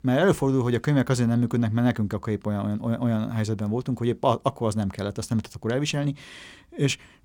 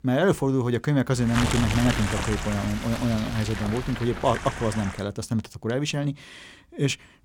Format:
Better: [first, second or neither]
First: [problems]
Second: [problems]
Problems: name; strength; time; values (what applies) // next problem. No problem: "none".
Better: first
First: none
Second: wind noise on the microphone; heavy; from 1 to 5 s; 2 dB below the speech